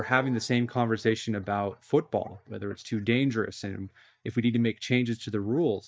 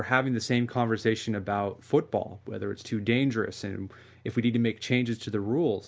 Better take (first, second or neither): second